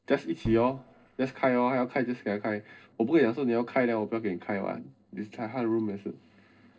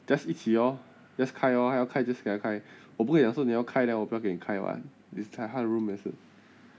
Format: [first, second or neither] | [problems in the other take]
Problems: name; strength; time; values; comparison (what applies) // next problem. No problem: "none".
second | noise reduction (neural separator model SepFormer DNS4)